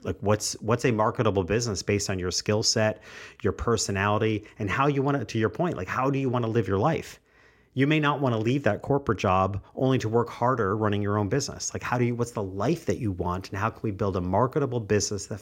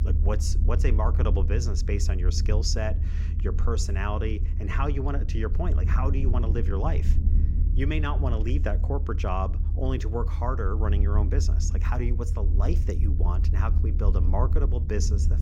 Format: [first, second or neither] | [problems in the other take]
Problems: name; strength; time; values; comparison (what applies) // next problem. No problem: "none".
first | low rumble; loud; throughout; 10 dB below the speech